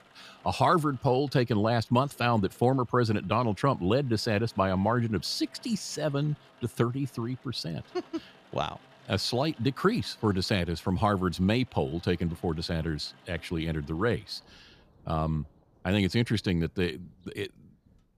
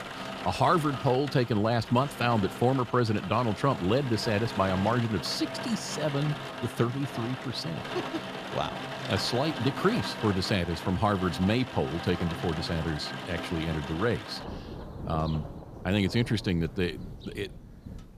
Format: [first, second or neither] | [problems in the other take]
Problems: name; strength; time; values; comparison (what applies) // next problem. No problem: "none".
first | rain or running water; loud; throughout; 9 dB below the speech; faint in the first